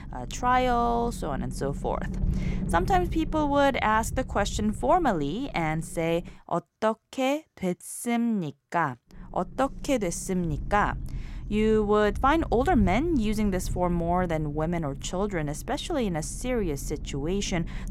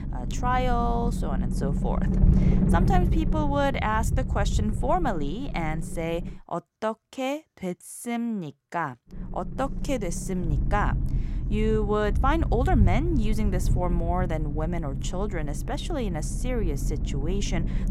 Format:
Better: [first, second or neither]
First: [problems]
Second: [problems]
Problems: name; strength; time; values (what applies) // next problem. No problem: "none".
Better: first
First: low rumble; faint; until 6.5 s and from 9 s on; 20 dB below the speech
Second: low rumble; loud; until 6.5 s and from 9 s on; 10 dB below the speech